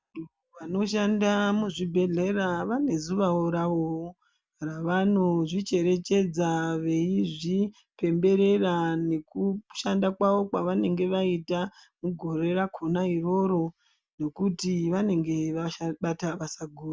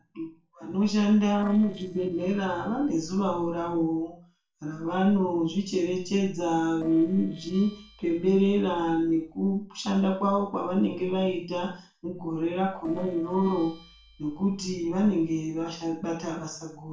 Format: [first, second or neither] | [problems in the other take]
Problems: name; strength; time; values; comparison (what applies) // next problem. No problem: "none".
first | noise reduction (neural separator model SepFormer DNS4)